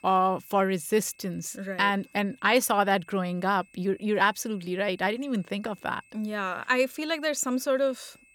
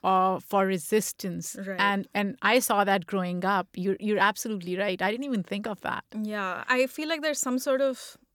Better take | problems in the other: second | high-pitched whine; faint; throughout; 2.5 kHz, 30 dB below the speech

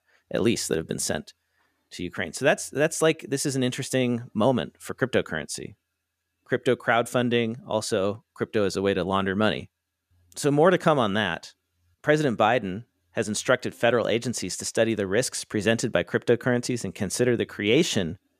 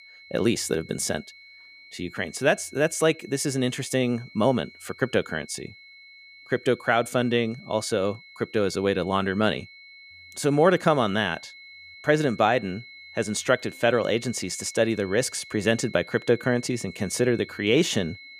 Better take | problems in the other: first | high-pitched whine; noticeable; throughout; 2 kHz, 20 dB below the speech

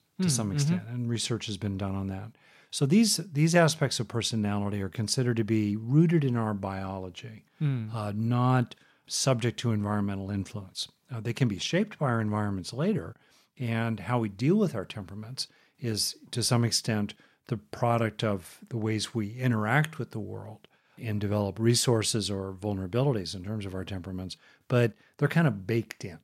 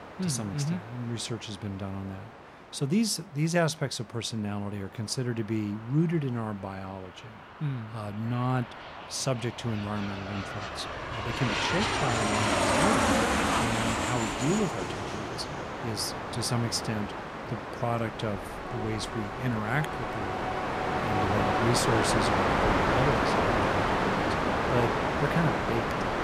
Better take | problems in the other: first | train or aircraft noise; very loud; throughout; 3 dB above the speech

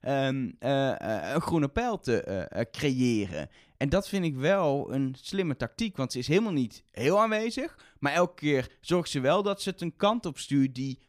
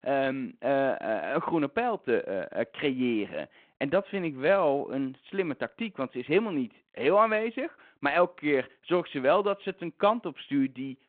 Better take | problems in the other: first | phone-call audio; nothing above 3.5 kHz

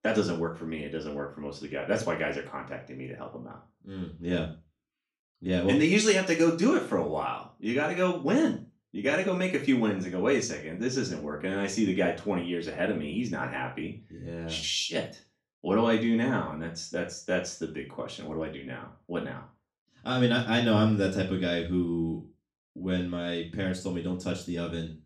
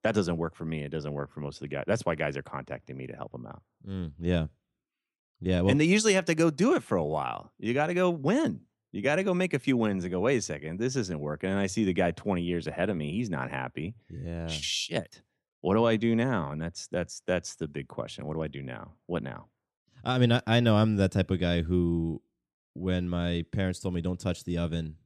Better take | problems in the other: second | room echo; slight; dies away in 0.3 s // off-mic speech; far

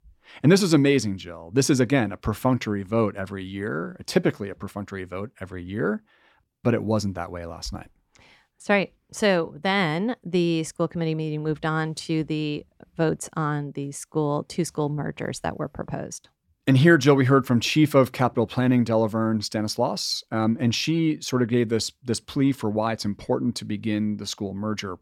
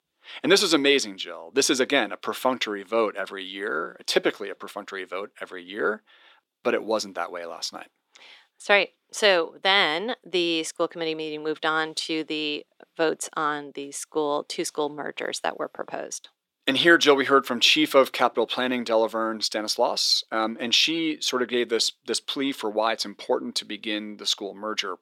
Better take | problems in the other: first | thin; somewhat; fading below 350 Hz

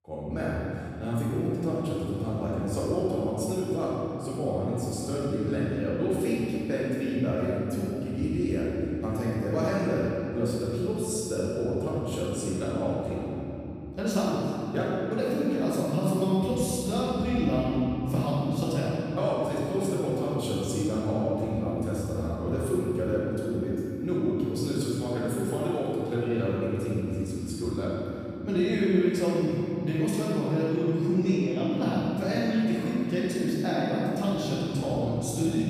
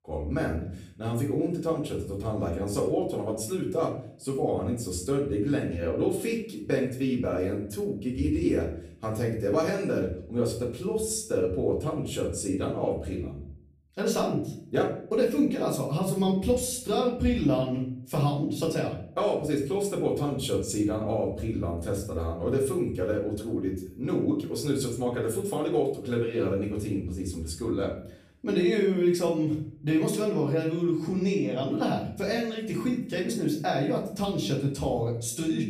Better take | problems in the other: second | room echo; strong; dies away in 3 s; slight in the second // off-mic speech; far; far in the second

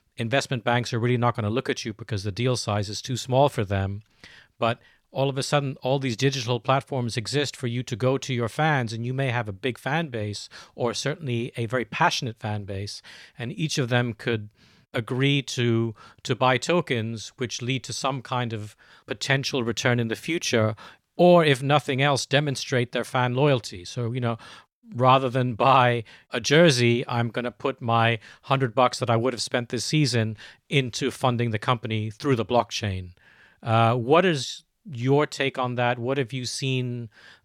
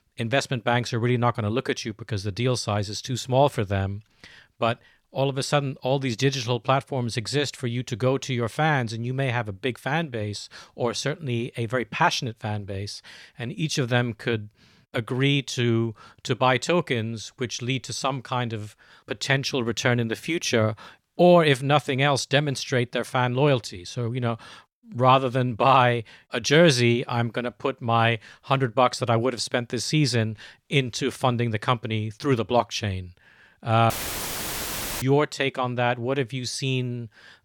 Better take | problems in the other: first | audio cutting out; filled with static; at 34 s for 1 s

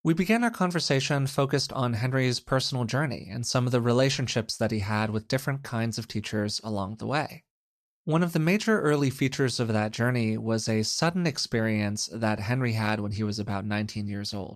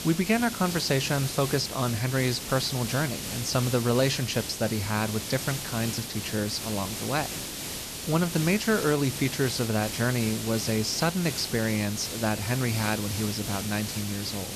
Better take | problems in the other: first | hiss; loud; throughout; 6 dB below the speech

